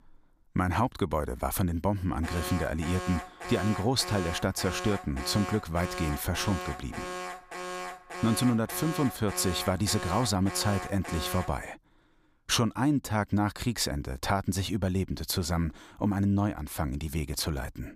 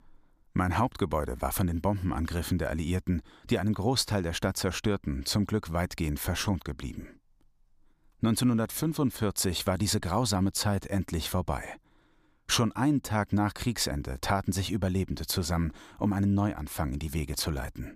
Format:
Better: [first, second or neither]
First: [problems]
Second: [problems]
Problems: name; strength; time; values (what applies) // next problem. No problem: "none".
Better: second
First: alarm; noticeable; from 2 to 12 s; peak 7 dB below the speech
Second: none